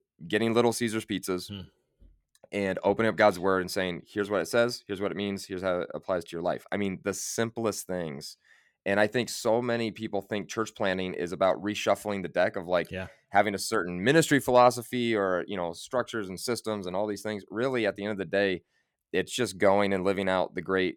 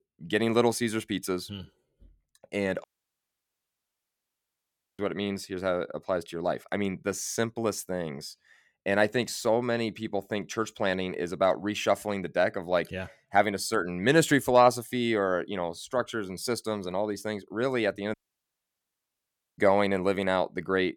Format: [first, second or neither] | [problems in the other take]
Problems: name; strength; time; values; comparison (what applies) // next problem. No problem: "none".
first | audio cutting out; at 3 s for 2 s and at 18 s for 1.5 s